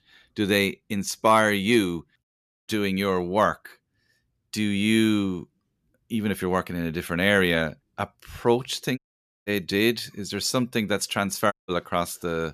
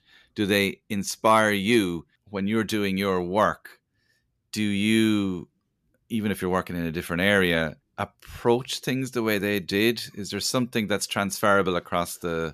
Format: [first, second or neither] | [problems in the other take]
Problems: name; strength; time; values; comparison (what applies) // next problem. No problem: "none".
second | audio cutting out; at 2 s, at 9 s and at 12 s